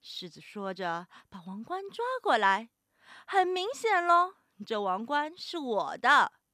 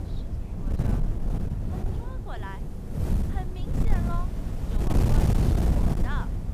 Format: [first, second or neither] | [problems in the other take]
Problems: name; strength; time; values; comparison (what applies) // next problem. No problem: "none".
first | wind noise on the microphone; heavy; 4 dB above the speech